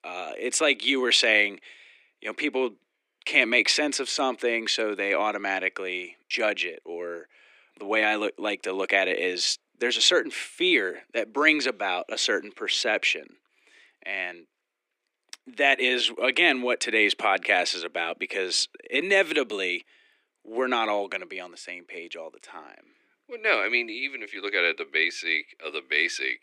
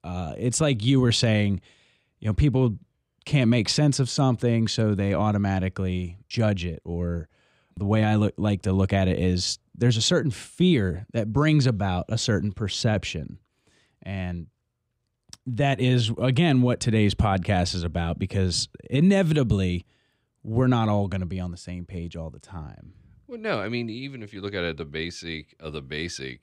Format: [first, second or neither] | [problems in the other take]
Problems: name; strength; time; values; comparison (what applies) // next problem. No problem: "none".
second | thin; very; fading below 300 Hz